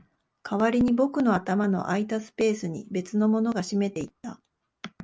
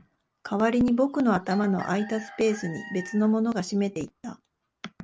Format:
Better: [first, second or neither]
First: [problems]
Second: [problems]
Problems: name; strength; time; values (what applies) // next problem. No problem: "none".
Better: first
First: none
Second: background sound (Doorbell + Chicken, rooster); 17 dB below the speech